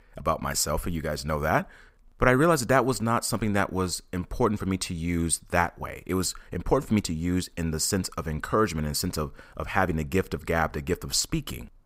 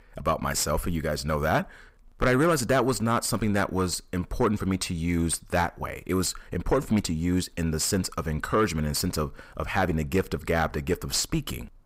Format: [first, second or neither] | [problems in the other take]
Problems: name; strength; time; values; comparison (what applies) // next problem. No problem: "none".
first | distortion; slight; 10 dB below the speech